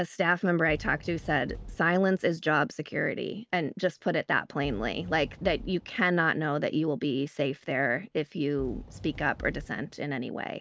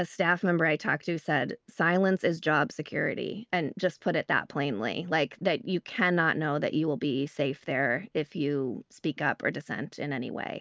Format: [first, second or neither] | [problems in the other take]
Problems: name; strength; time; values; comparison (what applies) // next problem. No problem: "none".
second | background sound (Fireworks); 18 dB below the speech